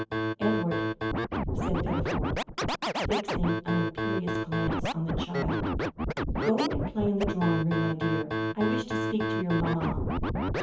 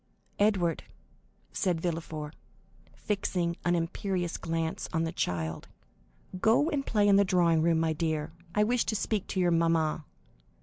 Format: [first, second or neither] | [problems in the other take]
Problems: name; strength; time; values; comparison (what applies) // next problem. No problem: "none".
second | background sound (Scratching (performance technique)); 2 dB above the speech // room echo; dies away in 0.7 s